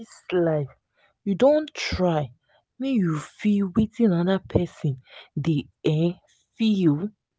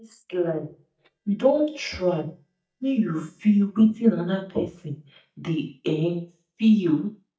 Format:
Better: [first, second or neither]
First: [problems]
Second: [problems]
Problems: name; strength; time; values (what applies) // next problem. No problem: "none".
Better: first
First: none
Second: noise reduction (neural mask model DeepFilterNet 3)